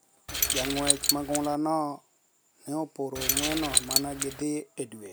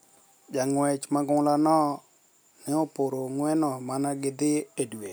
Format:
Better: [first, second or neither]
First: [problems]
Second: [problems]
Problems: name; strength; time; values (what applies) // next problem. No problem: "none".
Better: second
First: background sound (Keys jangling); 4 dB above the speech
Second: none